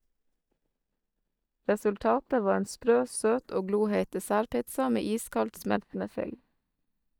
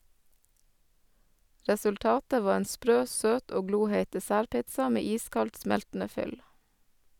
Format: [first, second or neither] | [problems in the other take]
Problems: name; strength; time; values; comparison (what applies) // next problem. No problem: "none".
second | noise reduction (neural mask model DeepFilterNet 3)